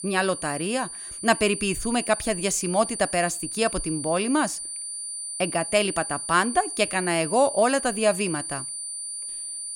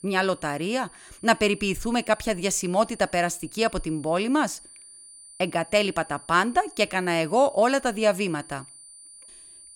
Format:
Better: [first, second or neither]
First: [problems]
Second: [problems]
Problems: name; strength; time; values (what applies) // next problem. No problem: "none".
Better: second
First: high-pitched whine; loud; throughout; 9 kHz, 6 dB below the speech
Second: high-pitched whine; faint; throughout; 9 kHz, 20 dB below the speech